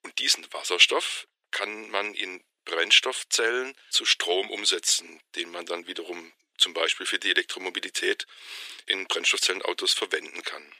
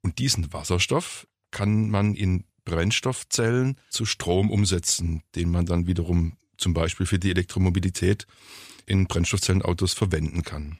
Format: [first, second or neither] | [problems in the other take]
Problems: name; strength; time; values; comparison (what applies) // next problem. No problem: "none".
second | thin; very; fading below 350 Hz